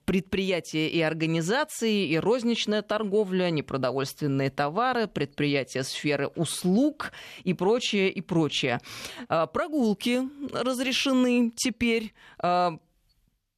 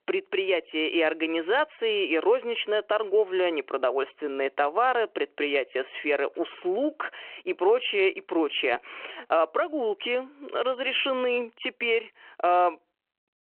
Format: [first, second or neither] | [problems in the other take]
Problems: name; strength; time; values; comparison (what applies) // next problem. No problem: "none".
first | phone-call audio